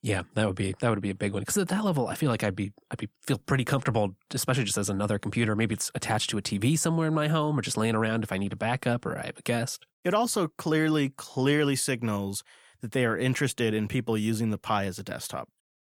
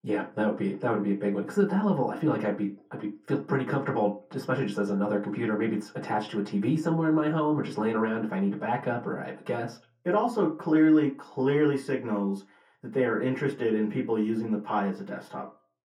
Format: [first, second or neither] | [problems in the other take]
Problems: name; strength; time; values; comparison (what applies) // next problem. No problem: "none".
first | room echo; slight; dies away in 0.3 s // off-mic speech; far